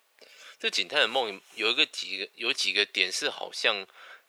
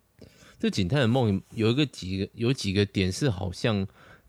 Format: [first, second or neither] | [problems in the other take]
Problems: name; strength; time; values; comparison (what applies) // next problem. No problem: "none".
second | thin; very; fading below 550 Hz